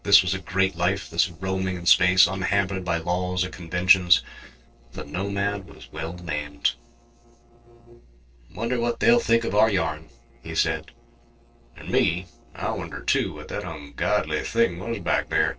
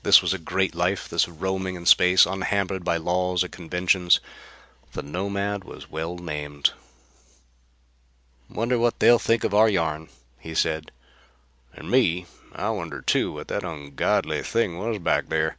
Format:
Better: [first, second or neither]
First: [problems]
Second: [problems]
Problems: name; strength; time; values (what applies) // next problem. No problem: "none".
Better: second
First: noise reduction (neural separator model SepFormer DNS4)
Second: none